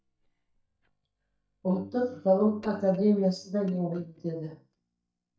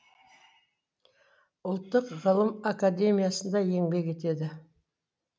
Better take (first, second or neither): second